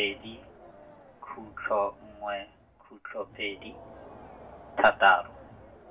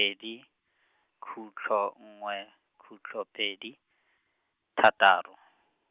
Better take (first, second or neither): second